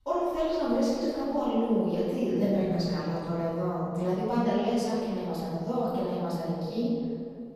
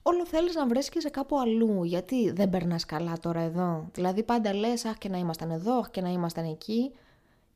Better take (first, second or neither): second